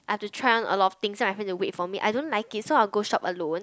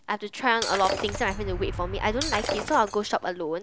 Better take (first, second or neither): first